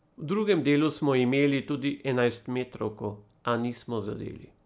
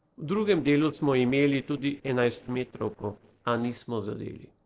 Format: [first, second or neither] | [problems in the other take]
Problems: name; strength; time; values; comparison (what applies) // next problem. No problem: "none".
first | noise reduction (neural separator model SepFormer DNS4)